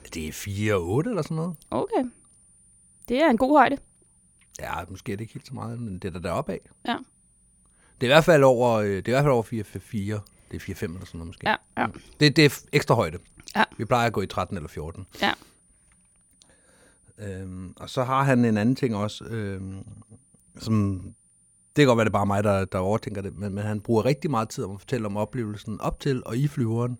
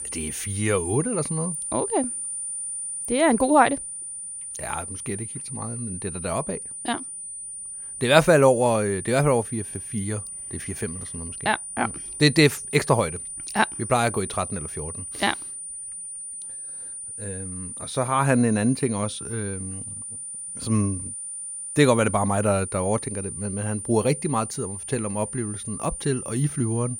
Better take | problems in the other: first | high-pitched whine; loud; throughout; 9 kHz, 7 dB below the speech; faint in the first

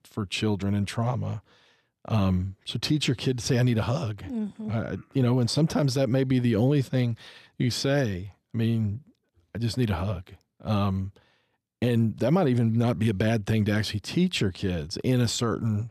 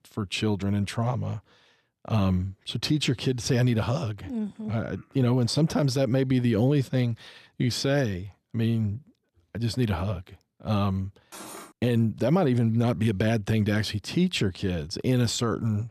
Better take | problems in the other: first | clattering dishes; faint; at 11 s; peak 15 dB below the speech

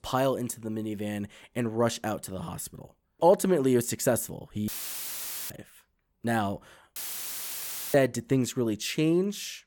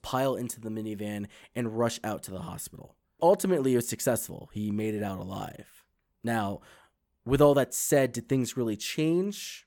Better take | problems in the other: second | audio cutting out; filled with static; at 4.5 s for 1 s and at 7 s for 1 s

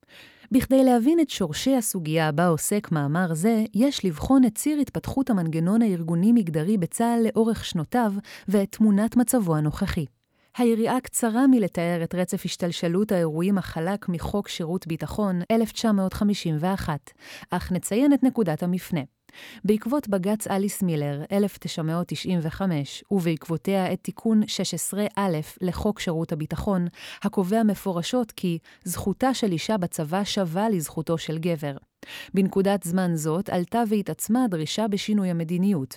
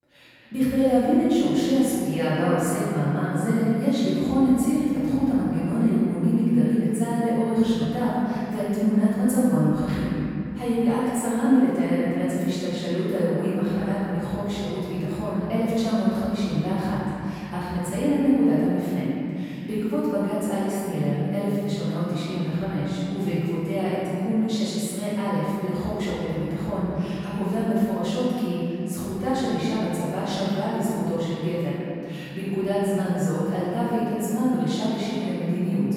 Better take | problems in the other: first | room echo; strong; dies away in 2.7 s // off-mic speech; far

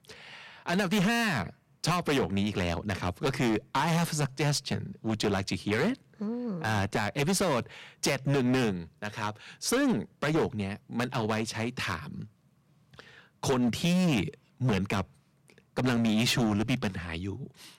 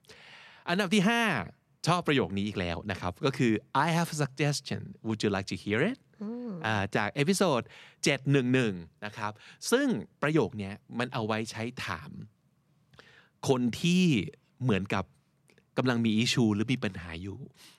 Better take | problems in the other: second | distortion; heavy; 11% of the sound clipped

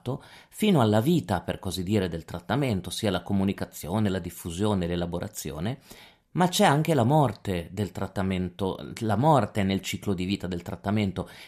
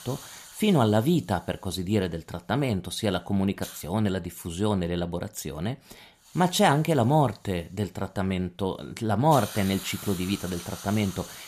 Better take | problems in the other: first | hiss; noticeable; until 3.5 s and from 6.5 s on; 15 dB below the speech

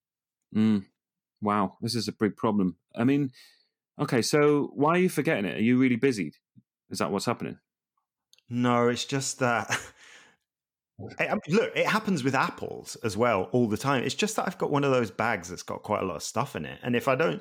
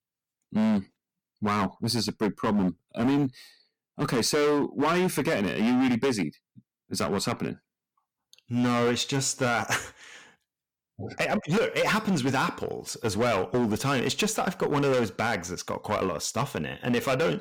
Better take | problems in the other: first | distortion; heavy; 12% of the sound clipped

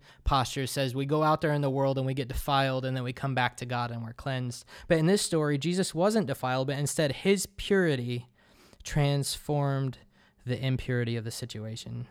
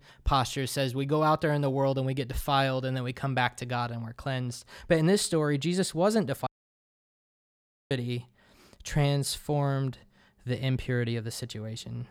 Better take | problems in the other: first | audio cutting out; at 6.5 s for 1.5 s

